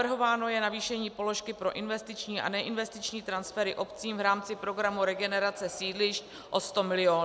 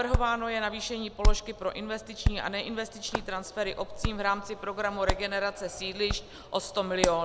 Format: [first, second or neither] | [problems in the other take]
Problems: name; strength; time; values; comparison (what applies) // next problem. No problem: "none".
first | background sound (Hands); as loud as the speech